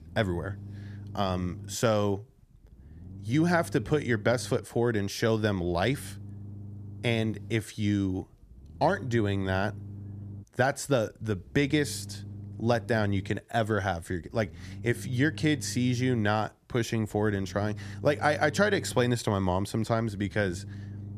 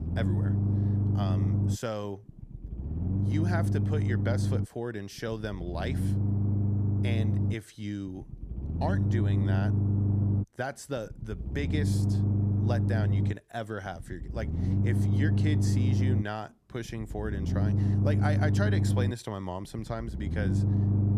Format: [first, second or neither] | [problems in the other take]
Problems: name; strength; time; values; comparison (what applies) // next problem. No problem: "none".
first | low rumble; loud; throughout; 1 dB below the speech; faint in the first